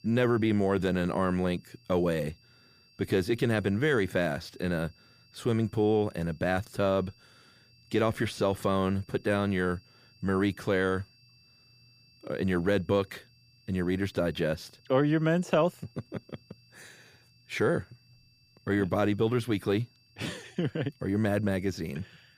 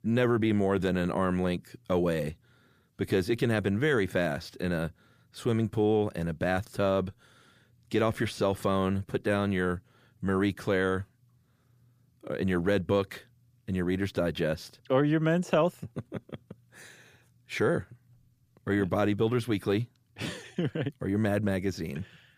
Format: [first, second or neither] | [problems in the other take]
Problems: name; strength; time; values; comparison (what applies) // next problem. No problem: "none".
second | high-pitched whine; faint; throughout; 4.5 kHz, 30 dB below the speech